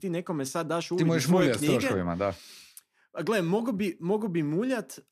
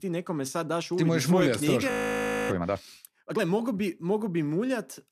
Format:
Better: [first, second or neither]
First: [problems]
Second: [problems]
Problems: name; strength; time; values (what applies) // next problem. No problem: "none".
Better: first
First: none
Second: audio freezing; at 2 s for 0.5 s